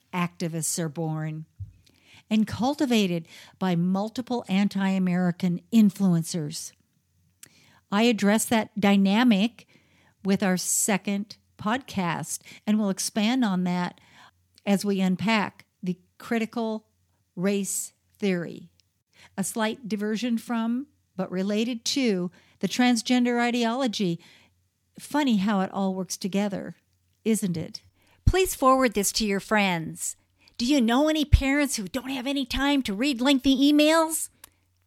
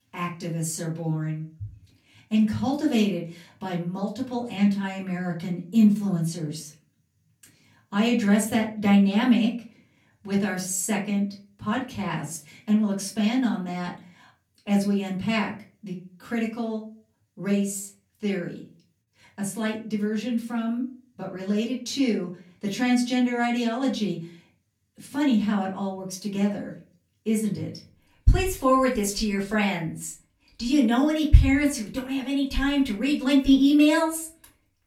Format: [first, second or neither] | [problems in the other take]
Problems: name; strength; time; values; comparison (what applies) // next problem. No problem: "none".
first | off-mic speech; far // room echo; very slight; dies away in 0.3 s